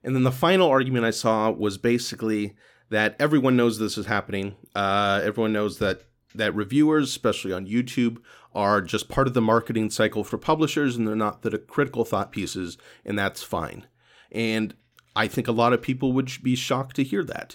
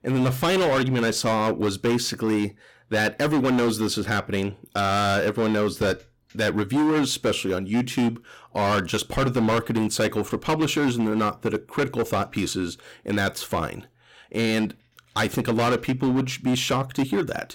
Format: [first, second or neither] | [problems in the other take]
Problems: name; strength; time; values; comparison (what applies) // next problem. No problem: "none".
first | distortion; heavy; 16% of the sound clipped